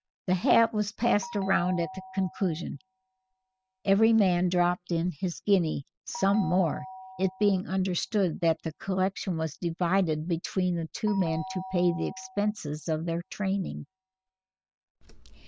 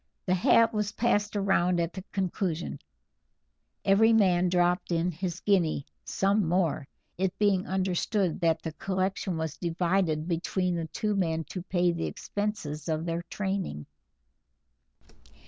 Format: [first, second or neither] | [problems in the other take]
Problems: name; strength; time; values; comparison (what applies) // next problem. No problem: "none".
second | noise reduction (classical method spectral subtraction)